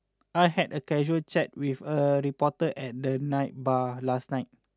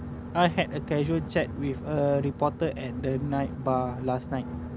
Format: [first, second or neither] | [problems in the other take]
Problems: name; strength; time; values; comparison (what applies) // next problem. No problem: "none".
first | background sound (Boat, Water vehicle); 8 dB below the speech